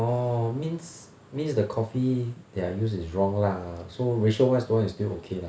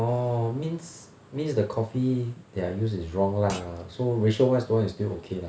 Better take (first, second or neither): first